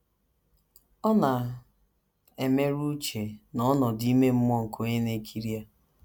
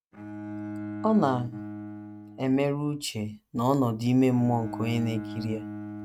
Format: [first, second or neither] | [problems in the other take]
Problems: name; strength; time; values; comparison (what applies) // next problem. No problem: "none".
first | noise reduction (neural mask model RNNoise)